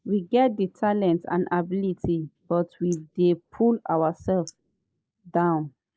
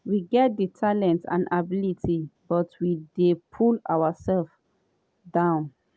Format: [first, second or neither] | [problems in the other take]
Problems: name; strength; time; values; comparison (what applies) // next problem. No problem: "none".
second | noise reduction (neural mask model Resemble Enhance denoiser)